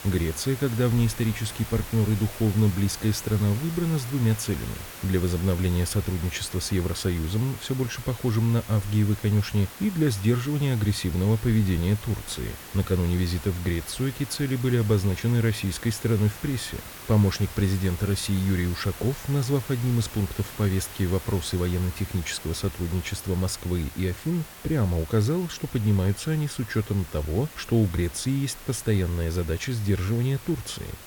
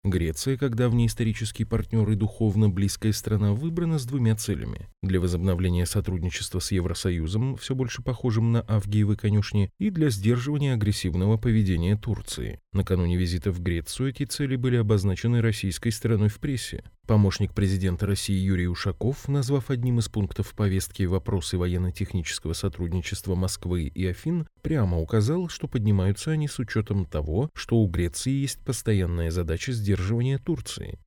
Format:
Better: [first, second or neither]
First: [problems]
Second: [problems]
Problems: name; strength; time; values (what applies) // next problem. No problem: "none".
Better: second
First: hiss; noticeable; throughout; 15 dB below the speech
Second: none